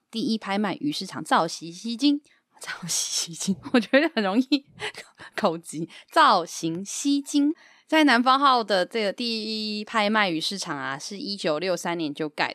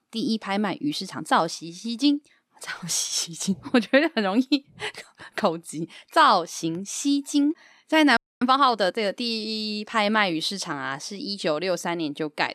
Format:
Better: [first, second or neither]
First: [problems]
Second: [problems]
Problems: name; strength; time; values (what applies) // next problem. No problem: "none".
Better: first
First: none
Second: audio freezing; at 8 s